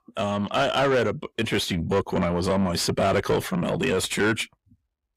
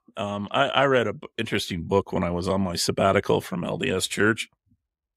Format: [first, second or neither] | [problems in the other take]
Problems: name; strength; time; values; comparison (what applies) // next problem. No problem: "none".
second | distortion; heavy; 8 dB below the speech